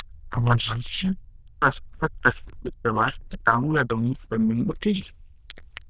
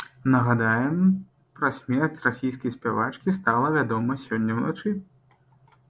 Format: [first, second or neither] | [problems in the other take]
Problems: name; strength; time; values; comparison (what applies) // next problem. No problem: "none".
second | noise reduction (neural diffusion model UNIVERSE++)